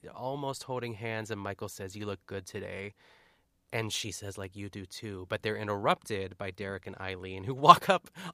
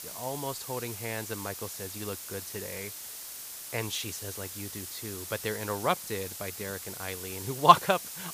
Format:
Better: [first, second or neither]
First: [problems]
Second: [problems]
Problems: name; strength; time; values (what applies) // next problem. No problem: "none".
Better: first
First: none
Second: hiss; loud; throughout; 8 dB below the speech